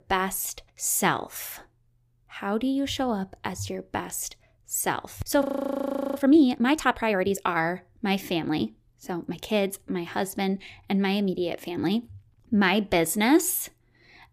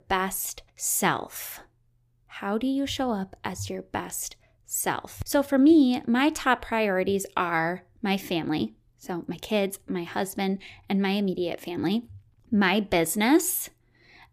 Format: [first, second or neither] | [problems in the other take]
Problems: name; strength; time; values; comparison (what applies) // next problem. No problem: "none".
second | audio freezing; at 5.5 s for 0.5 s